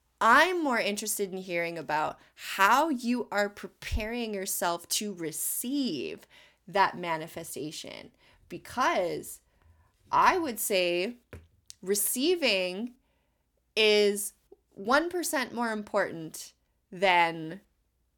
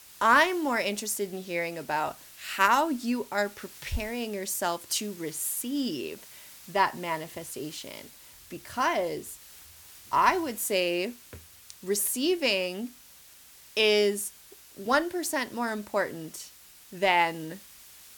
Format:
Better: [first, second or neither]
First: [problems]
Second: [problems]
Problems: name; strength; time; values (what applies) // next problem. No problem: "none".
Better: first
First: none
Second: hiss; faint; throughout; 20 dB below the speech